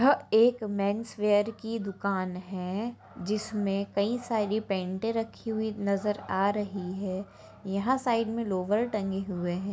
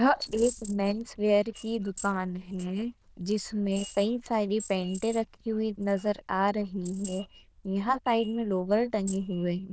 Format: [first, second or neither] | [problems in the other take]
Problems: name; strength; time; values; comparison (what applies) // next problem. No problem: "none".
first | noise reduction (neural diffusion model UNIVERSE++)